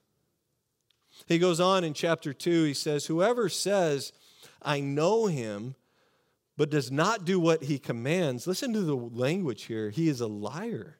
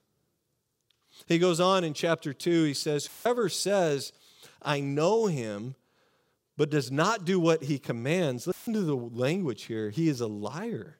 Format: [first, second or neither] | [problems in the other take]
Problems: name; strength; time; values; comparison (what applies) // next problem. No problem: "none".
first | audio cutting out; filled with static; at 3 s and at 8.5 s